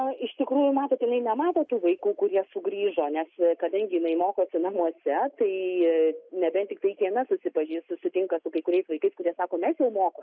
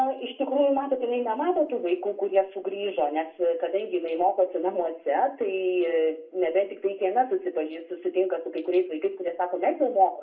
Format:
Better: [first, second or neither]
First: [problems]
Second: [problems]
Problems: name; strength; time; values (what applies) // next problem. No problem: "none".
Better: first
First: none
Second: room echo; dies away in 0.3 s